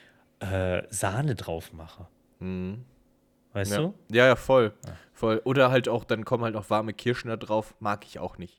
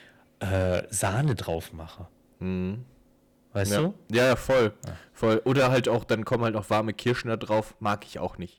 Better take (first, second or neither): first